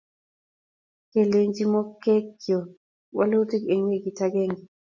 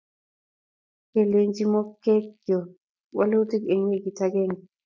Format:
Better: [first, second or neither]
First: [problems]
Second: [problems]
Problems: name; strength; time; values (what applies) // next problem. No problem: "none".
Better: first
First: none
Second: noise reduction (neural mask model DeepFilterNet 3)